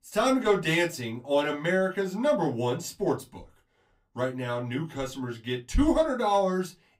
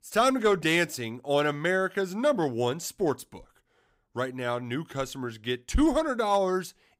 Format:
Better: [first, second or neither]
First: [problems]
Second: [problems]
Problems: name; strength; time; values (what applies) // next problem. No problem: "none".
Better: second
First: off-mic speech; far // room echo; very slight; dies away in 0.2 s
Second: none